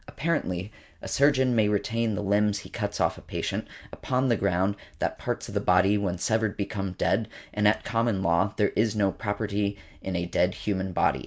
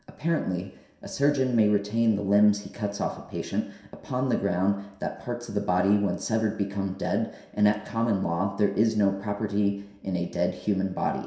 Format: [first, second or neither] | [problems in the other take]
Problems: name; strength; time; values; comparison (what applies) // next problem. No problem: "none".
first | room echo; dies away in 0.7 s